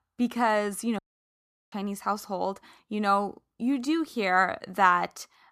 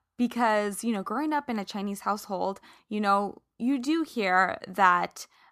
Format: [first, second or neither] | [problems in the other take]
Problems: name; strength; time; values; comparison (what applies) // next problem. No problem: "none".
second | audio cutting out; at 1 s for 0.5 s